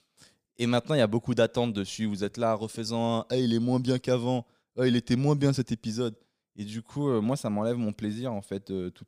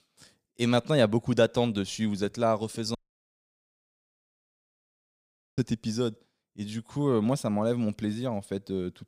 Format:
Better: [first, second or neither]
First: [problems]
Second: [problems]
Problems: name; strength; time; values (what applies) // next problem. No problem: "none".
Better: first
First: none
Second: audio cutting out; at 3 s for 2.5 s